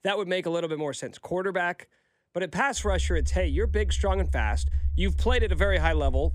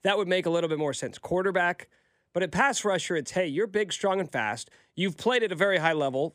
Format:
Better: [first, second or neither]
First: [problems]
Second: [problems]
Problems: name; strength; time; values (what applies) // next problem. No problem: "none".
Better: second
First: low rumble; noticeable; from 3 s on; 20 dB below the speech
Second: none